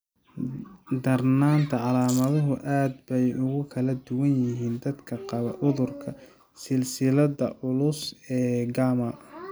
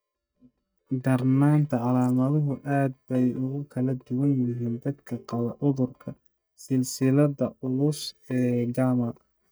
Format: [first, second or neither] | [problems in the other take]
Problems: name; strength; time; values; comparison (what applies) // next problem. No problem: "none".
first | noise reduction (neural mask model DeepFilterNet 3)